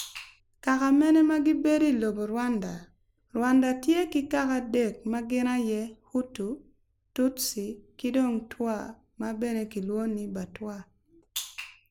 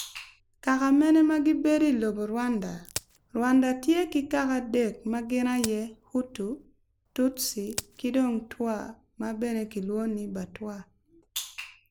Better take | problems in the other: first | background sound (Crack); 17 dB below the speech

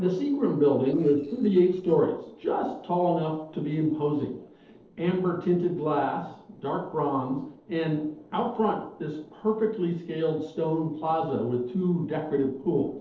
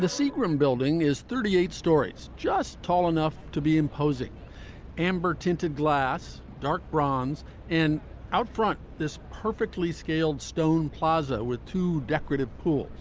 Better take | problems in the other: second | noise reduction (neural separator model SepFormer DNS4)

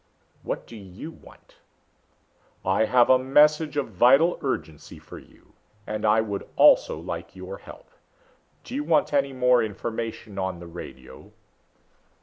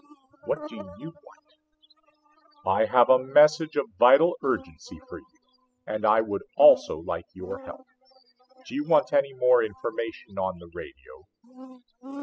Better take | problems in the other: first | noise reduction (classical method spectral subtraction)

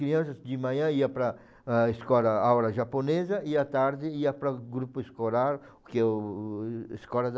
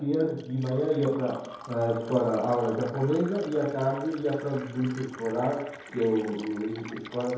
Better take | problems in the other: first | background sound (Fill (with liquid)); 18 dB below the speech // room echo; dies away in 2.2 s

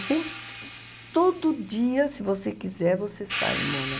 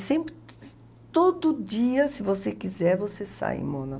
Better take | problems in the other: second | background sound (Hi-hat); 9 dB below the speech

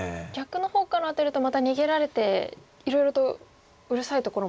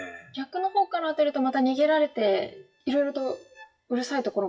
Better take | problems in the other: first | noise reduction (classical method WPE with log-MMSE)

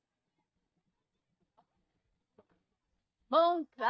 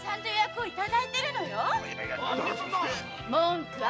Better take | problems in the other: second | noise reduction (neural mask model DeepFilterNet 3)

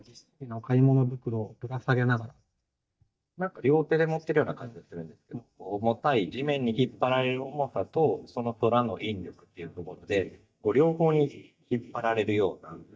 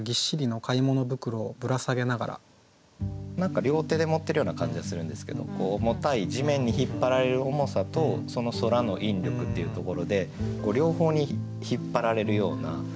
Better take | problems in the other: second | noise reduction (neural mask model DeepFilterNet 3)

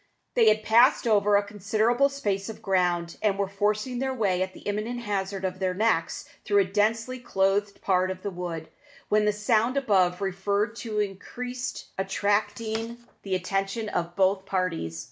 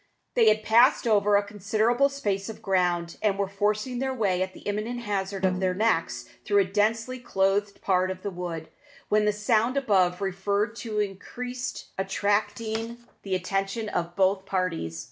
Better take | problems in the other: first | background sound (Snare drum); 9 dB below the speech

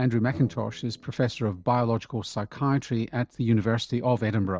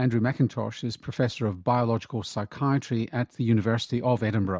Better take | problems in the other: second | noise reduction (neural separator model SepFormer DNS4)

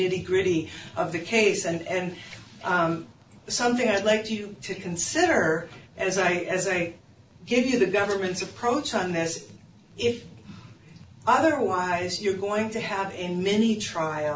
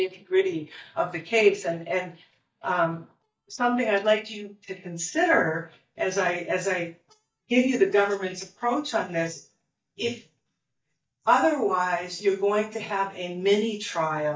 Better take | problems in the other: first | noise reduction (neural mask model DeepFilterNet 3)

